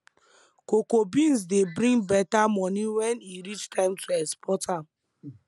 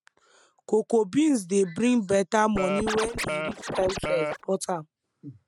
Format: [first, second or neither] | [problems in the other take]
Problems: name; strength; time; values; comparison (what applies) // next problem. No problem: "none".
first | noise reduction (neural mask model RNNoise)